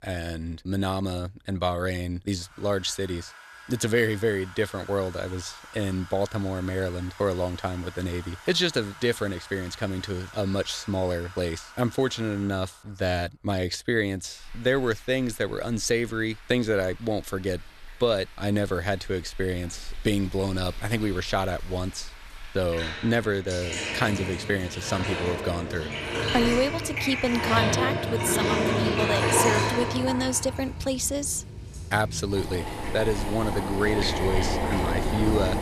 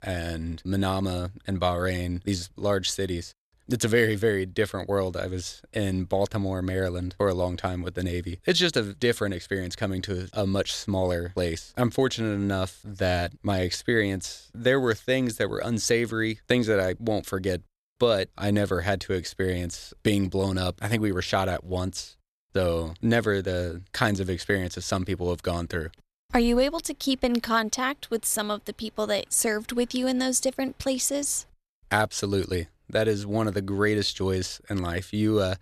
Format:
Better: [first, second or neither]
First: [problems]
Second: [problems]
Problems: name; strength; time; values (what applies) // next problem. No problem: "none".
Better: second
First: household noises; loud; throughout; 1 dB below the speech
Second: none